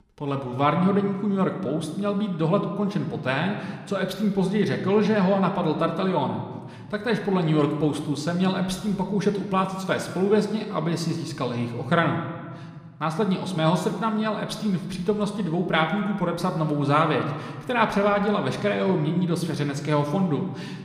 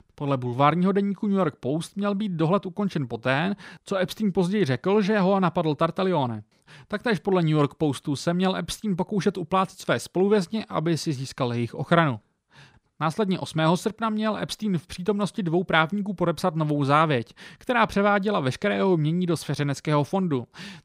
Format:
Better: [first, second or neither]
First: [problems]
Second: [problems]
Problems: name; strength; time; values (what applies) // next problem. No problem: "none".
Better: second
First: room echo; slight; dies away in 1.2 s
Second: none